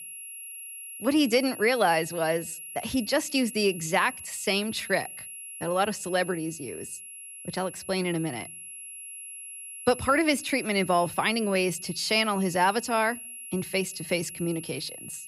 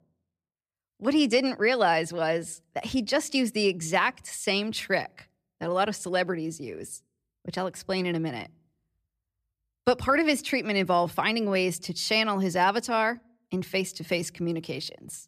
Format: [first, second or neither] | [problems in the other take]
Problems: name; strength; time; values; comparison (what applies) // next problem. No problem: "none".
second | high-pitched whine; noticeable; throughout; 11 kHz, 10 dB below the speech